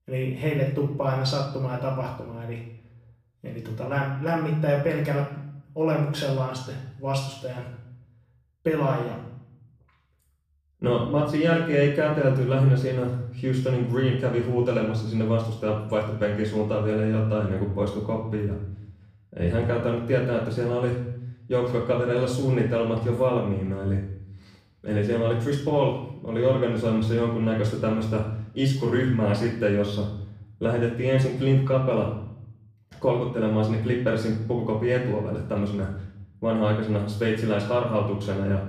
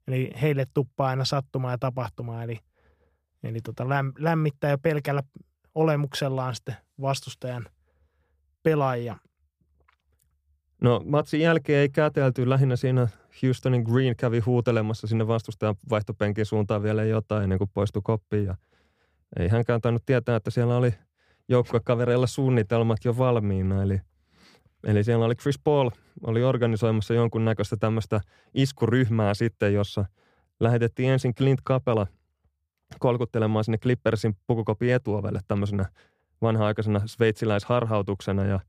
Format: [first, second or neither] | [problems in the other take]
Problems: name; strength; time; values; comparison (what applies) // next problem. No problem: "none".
second | off-mic speech; far // room echo; noticeable; dies away in 0.6 s